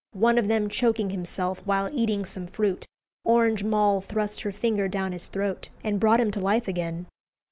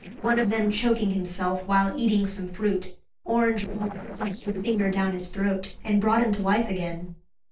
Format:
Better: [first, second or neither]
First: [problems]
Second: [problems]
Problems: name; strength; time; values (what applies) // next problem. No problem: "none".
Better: first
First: none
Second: noise reduction (neural separator model SepFormer DNS4)